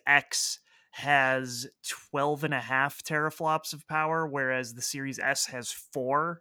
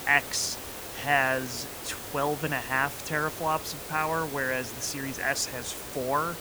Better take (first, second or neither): first